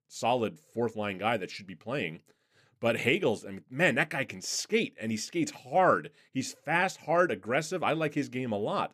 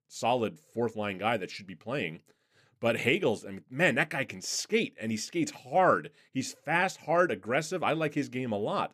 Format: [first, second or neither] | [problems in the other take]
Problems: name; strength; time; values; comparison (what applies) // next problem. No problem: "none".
neither | none